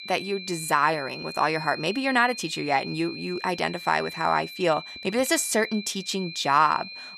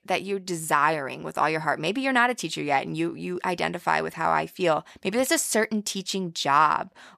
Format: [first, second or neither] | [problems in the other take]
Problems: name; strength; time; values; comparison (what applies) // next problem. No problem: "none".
second | high-pitched whine; noticeable; throughout; 4 kHz, 10 dB below the speech